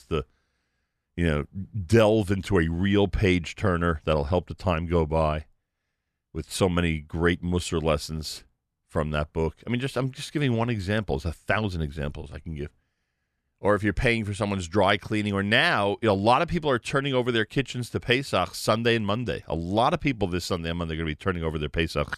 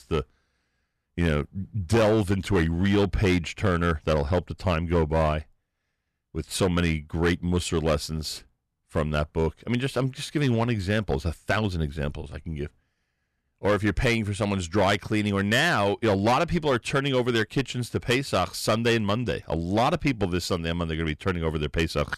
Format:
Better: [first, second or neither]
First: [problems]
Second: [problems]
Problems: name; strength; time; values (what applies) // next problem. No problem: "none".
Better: first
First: none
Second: distortion; slight; 5% of the sound clipped